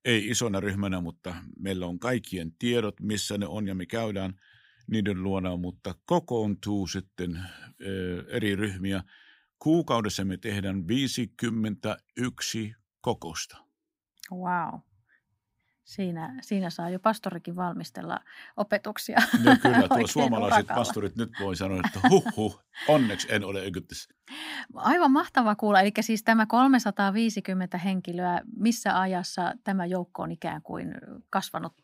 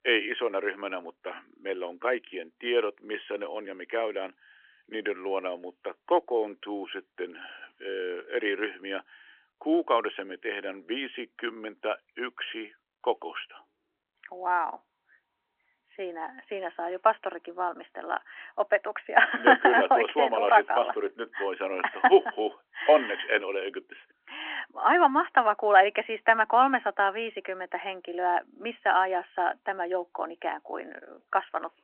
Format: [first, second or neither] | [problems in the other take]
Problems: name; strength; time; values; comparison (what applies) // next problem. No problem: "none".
first | phone-call audio; nothing above 3 kHz